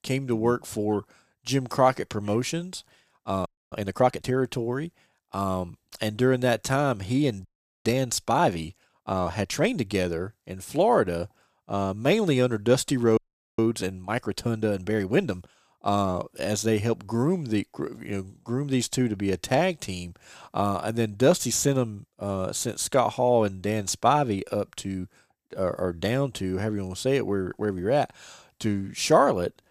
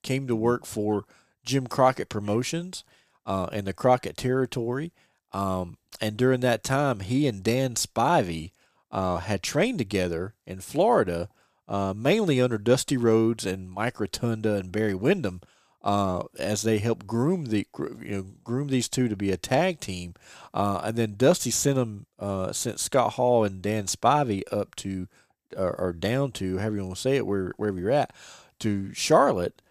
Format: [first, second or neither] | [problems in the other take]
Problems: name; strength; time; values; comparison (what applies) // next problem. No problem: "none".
second | audio freezing; at 3.5 s, at 7.5 s and at 13 s